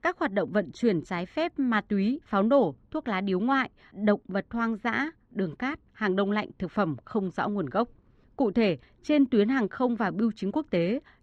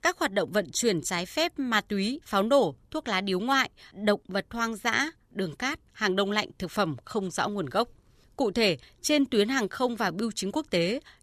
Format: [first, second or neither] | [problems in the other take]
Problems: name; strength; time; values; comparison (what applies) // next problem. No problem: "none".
second | muffled; very; fading above 2 kHz